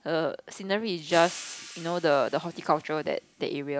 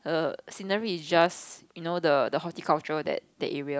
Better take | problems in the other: second | background sound (Hi-hat); 18 dB below the speech

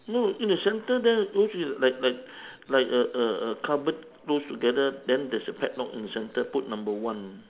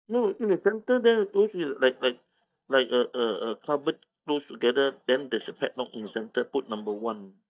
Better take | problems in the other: first | noise reduction (neural mask model DeepFilterNet 3)

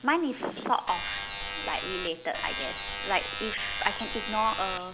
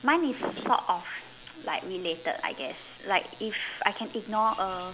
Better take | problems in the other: second | background sound (Alarm); 4 dB below the speech

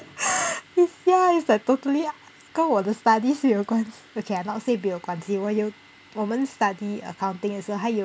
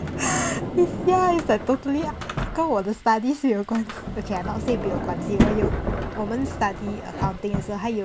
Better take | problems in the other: first | background sound (Sliding door); 4 dB below the speech

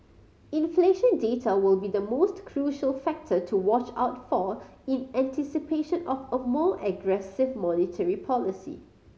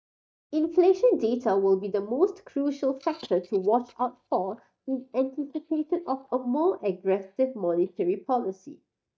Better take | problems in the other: first | noise reduction (neural mask model DeepFilterNet 3)

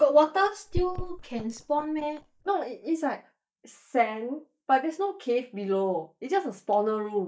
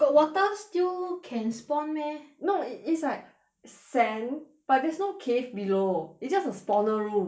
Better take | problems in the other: second | noise reduction (neural mask model DeepFilterNet 3)

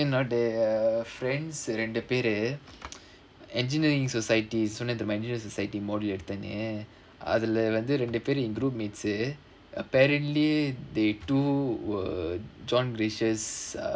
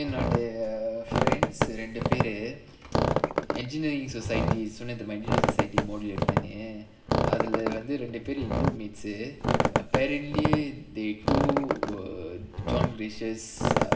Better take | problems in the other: first | background sound (Squeak); 4 dB above the speech // room echo; dies away in 1.8 s

